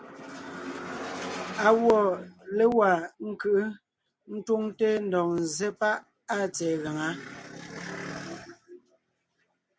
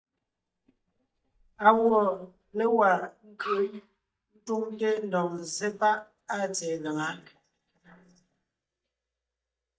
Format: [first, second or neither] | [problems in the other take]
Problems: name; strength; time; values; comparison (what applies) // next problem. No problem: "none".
first | noise reduction (neural mask model DeepFilterNet 3)